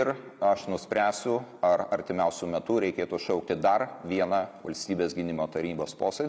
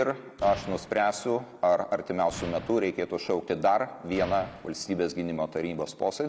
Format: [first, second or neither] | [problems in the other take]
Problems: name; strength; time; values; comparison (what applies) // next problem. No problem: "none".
first | background sound (Explosion); 18 dB below the speech